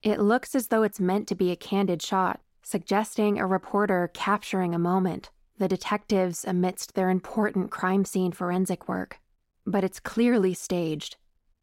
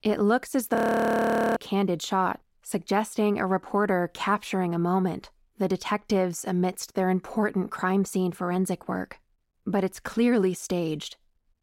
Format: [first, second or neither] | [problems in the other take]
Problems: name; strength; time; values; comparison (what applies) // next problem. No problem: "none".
first | audio freezing; at 1 s for 1 s